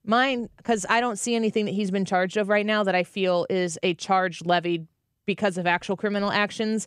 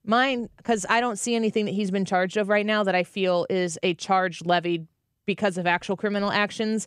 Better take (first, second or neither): neither